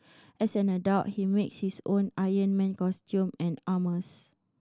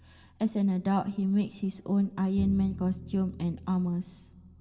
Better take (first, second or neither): first